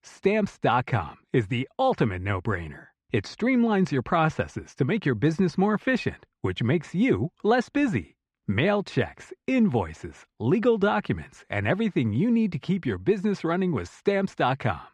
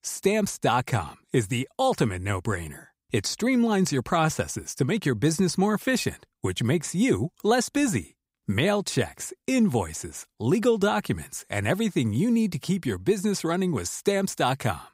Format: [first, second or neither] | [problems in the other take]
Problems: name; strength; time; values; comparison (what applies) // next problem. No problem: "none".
second | muffled; slightly; fading above 2.5 kHz